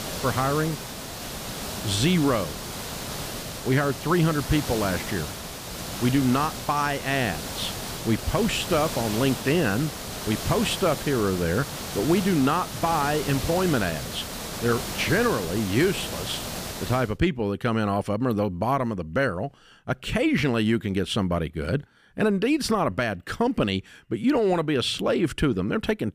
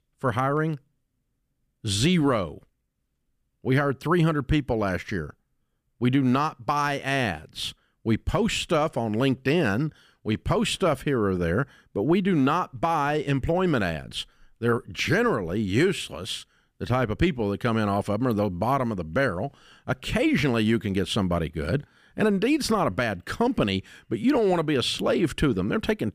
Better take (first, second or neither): second